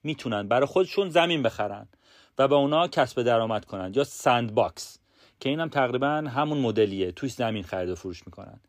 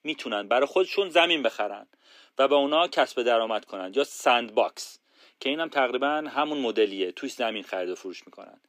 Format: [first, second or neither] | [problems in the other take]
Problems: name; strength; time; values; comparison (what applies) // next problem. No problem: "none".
first | thin; very slightly; fading below 250 Hz